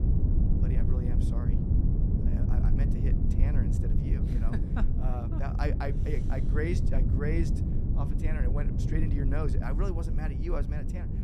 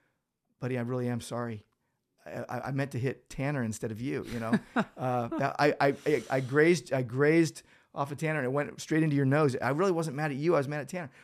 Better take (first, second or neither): second